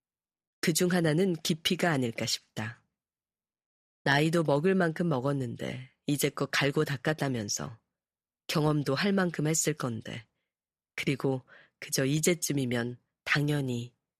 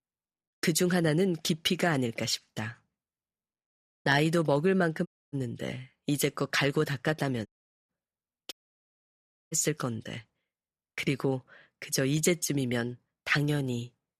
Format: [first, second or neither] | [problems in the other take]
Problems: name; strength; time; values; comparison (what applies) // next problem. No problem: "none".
first | audio cutting out; at 5 s, at 7.5 s and at 8.5 s for 1 s